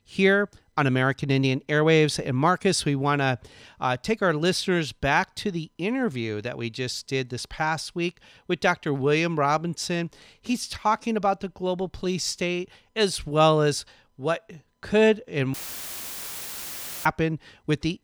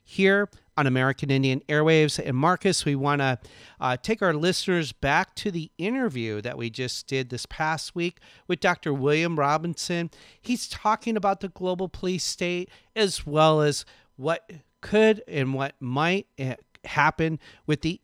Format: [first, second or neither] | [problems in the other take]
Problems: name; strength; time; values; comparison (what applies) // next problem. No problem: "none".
second | audio cutting out; filled with static; at 16 s for 1.5 s